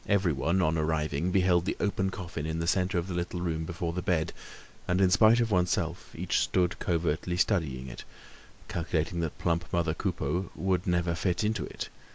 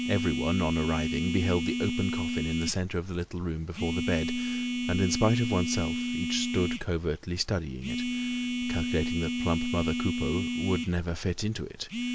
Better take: first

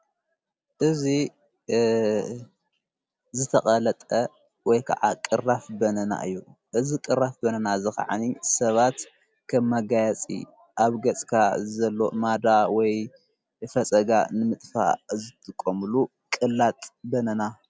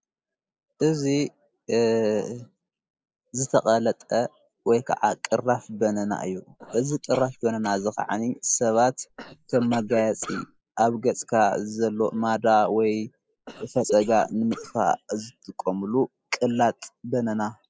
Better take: first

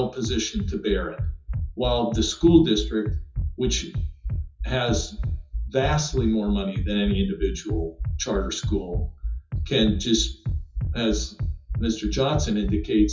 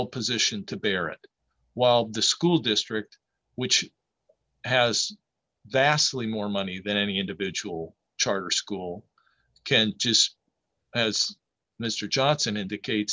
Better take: second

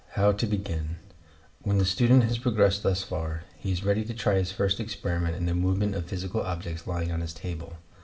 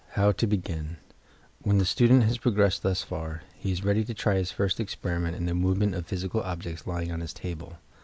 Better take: second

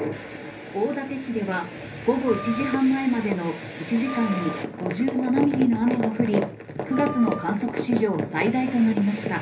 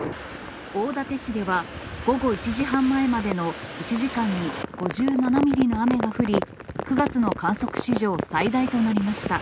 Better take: second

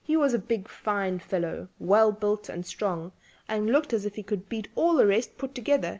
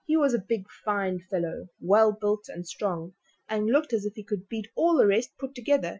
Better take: first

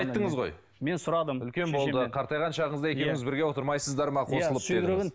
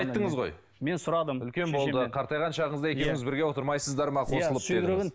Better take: first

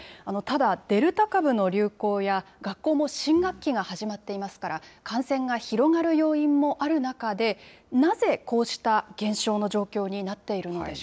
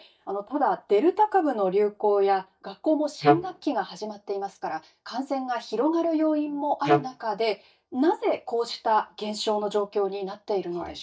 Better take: first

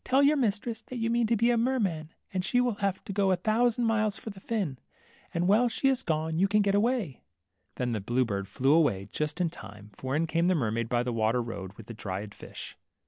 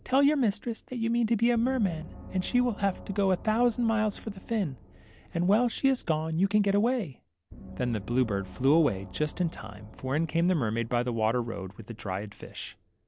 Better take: first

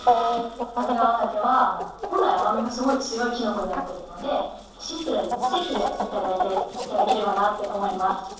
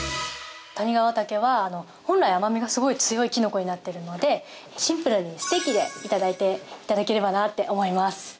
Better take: second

